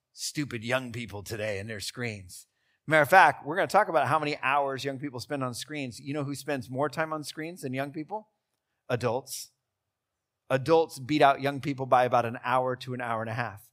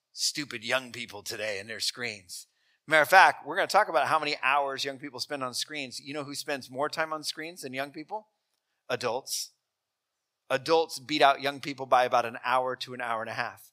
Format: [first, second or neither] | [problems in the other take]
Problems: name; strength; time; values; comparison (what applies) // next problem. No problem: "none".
first | thin; very slightly; fading below 550 Hz